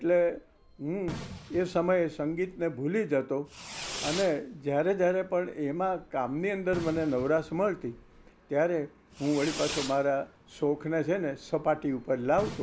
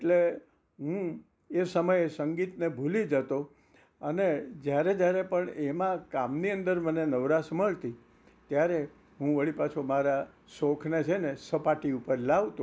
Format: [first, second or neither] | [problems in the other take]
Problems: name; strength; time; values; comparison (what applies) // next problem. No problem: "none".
second | background sound (Fireworks); 14 dB below the speech